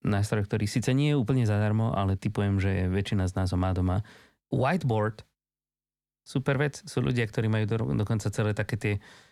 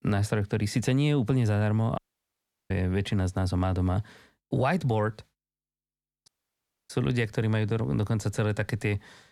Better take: first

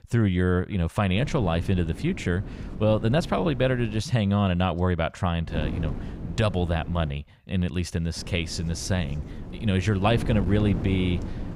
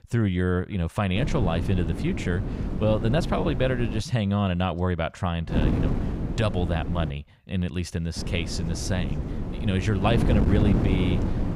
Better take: first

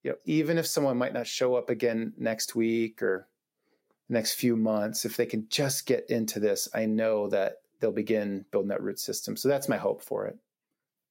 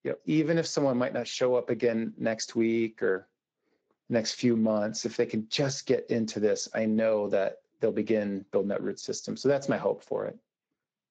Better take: first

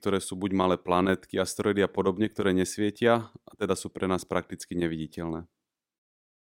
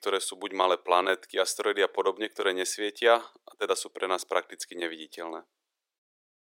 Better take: first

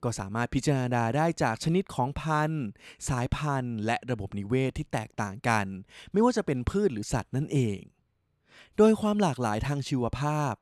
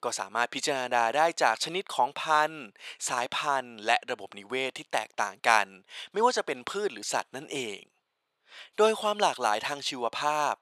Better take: first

